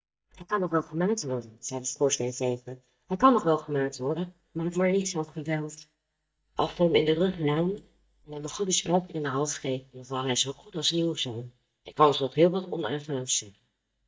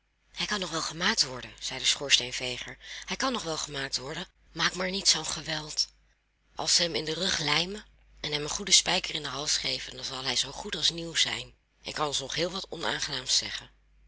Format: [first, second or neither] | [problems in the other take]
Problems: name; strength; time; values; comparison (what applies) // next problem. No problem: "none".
second | noise reduction (neural mask model DeepFilterNet 3)